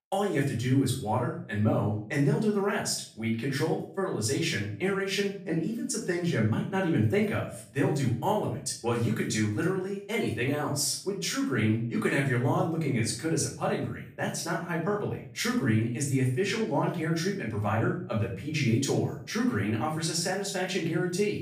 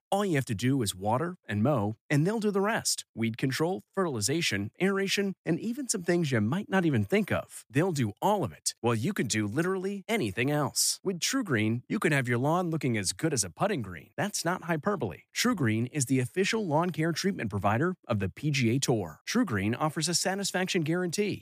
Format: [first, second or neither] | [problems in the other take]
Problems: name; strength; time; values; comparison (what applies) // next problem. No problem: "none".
second | off-mic speech; far // room echo; slight; dies away in 0.4 s